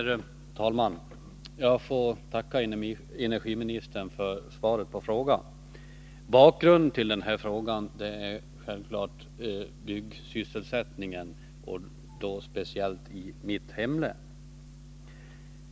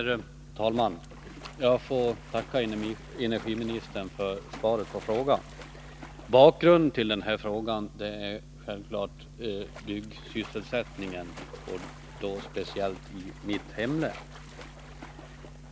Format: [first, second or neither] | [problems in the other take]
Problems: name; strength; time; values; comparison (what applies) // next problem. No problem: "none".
first | background sound (Splash, splatter); 19 dB below the speech